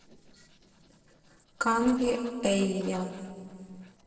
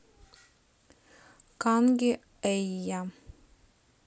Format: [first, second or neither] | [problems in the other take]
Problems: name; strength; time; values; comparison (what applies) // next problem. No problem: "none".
second | noise reduction (neural separator model SepFormer DNS4)